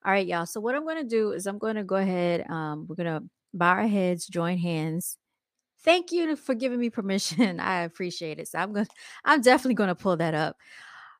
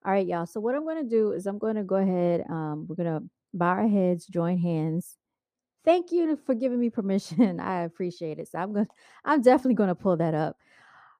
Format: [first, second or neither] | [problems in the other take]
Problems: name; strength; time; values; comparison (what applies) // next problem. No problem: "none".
first | muffled; slightly; fading above 1 kHz